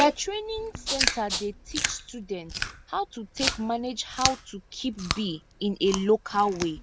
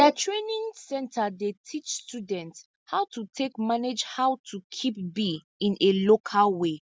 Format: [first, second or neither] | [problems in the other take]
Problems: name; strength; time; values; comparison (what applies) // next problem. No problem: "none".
second | background sound (Rattle (instrument) + Chewing, mastication); 5 dB below the speech